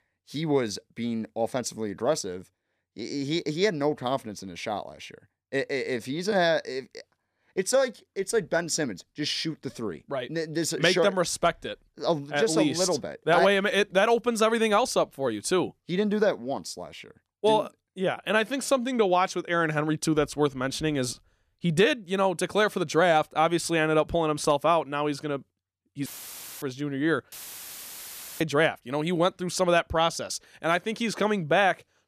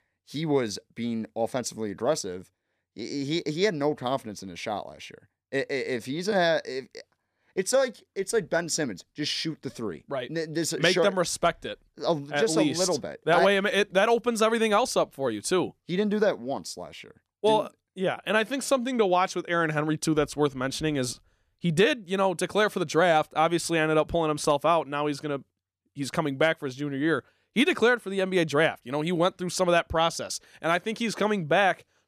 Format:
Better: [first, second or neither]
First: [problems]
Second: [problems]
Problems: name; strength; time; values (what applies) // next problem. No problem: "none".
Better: second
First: audio cutting out; filled with static; at 26 s for 0.5 s and at 27 s for 1 s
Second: none